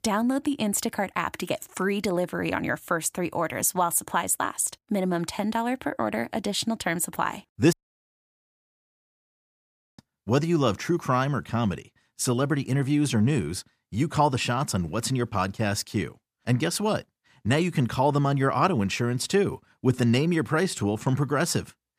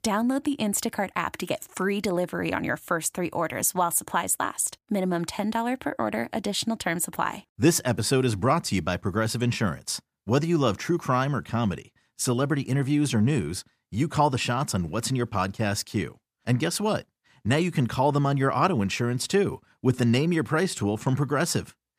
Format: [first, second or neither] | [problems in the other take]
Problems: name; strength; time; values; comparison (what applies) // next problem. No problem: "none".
second | audio cutting out; at 7.5 s for 2.5 s